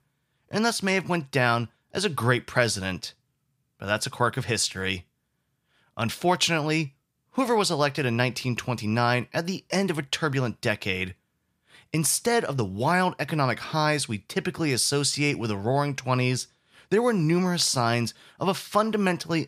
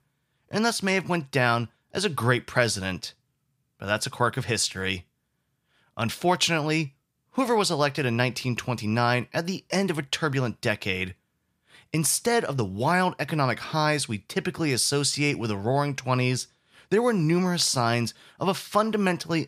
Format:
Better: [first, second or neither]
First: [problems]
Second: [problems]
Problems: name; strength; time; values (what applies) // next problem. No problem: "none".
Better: neither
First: none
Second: none